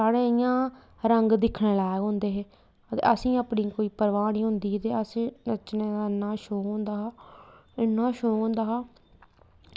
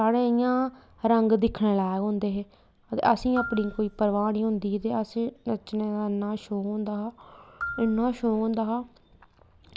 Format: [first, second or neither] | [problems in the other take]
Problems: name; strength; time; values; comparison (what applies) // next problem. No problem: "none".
first | background sound (Marimba, xylophone); 15 dB below the speech